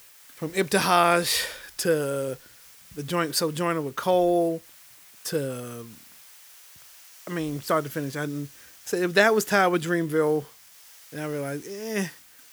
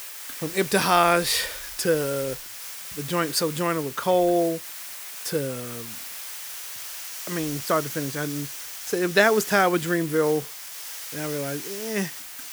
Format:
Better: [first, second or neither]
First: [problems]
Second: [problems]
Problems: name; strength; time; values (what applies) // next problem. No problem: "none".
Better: first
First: hiss; faint; throughout; 20 dB below the speech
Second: hiss; loud; throughout; 9 dB below the speech